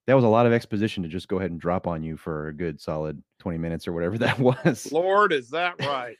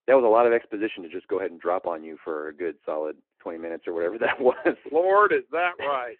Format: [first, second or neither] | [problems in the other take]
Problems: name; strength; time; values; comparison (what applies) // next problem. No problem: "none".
first | phone-call audio